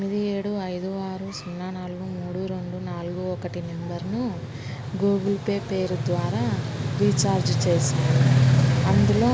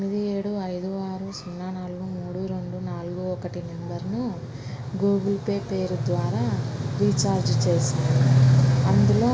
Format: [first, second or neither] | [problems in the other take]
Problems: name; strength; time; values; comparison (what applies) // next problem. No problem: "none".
first | room echo; dies away in 2.3 s